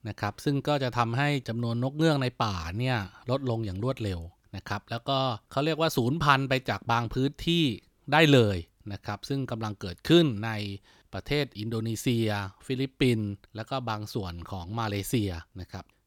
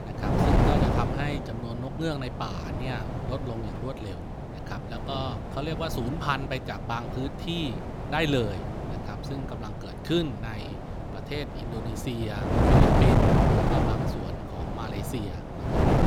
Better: first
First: none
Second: wind noise on the microphone; heavy; 2 dB above the speech

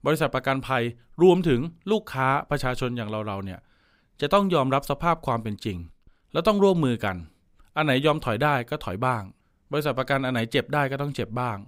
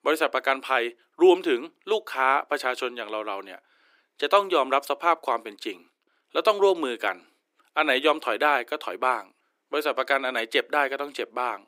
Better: first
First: none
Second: thin; very; fading below 300 Hz

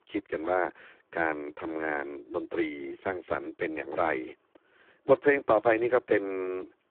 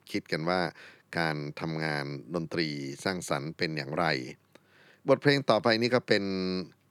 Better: second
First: phone-call audio; poor line; nothing above 3.5 kHz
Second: none

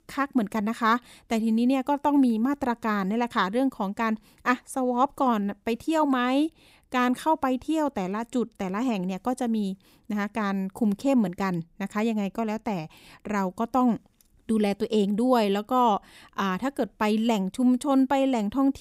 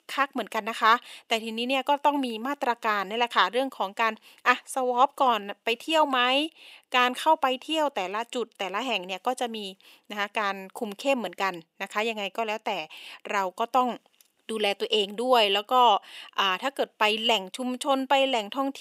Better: first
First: none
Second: thin; somewhat; fading below 550 Hz

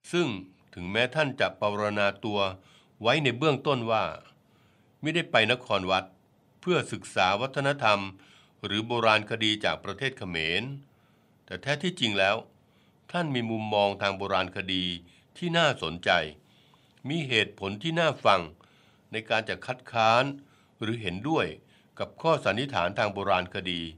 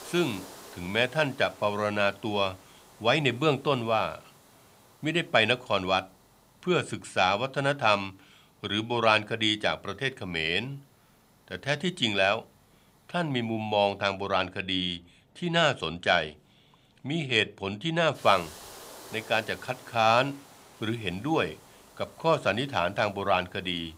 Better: first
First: none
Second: hiss; faint; throughout; 25 dB below the speech

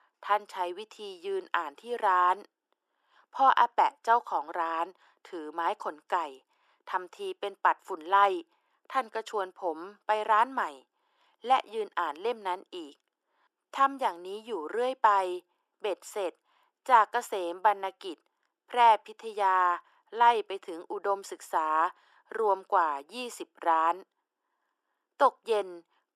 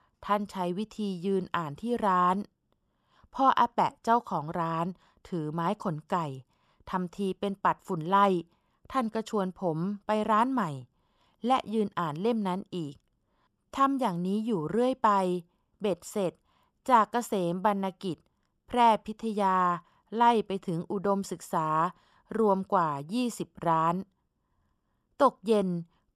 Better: second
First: thin; very; fading below 300 Hz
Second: none

